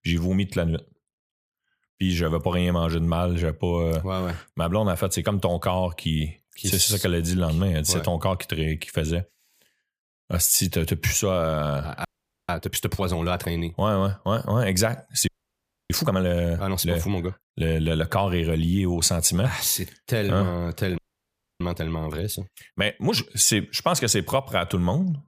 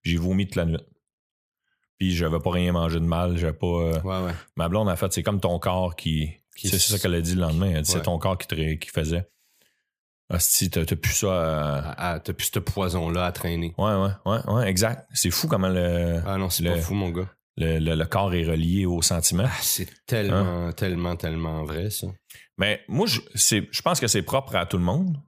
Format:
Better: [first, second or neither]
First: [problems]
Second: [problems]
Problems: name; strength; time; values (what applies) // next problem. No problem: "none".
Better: second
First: audio freezing; at 12 s, at 15 s for 0.5 s and at 21 s for 0.5 s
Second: none